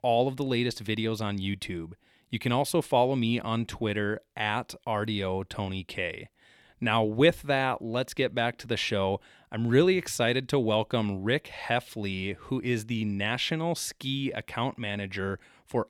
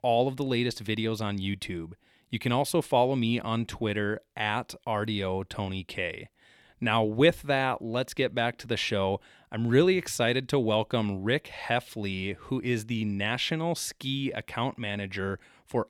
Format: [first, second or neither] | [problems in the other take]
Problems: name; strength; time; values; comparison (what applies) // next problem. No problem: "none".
neither | none